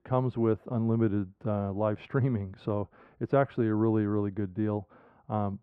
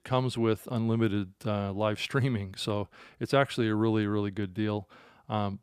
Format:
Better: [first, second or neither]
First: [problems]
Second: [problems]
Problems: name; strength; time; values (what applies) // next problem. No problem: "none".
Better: second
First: muffled; very; fading above 3 kHz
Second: none